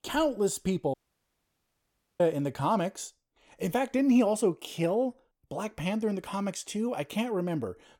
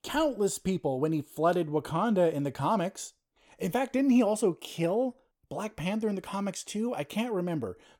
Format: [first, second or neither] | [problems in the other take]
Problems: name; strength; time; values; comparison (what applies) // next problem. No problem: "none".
second | audio cutting out; at 1 s for 1.5 s